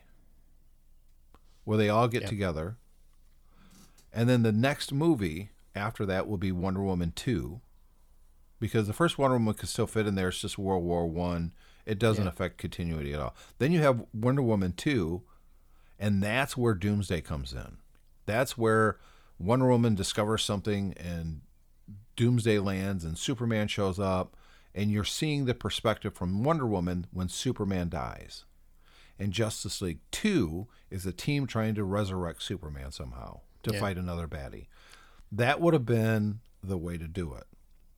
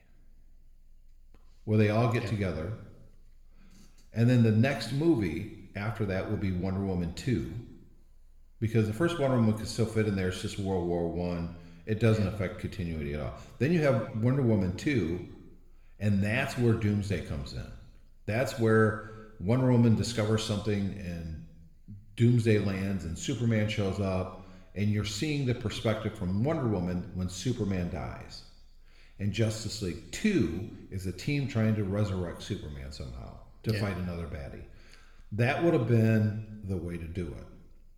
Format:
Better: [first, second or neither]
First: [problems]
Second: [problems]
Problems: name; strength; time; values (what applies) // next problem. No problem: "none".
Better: first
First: none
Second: room echo; slight; dies away in 0.9 s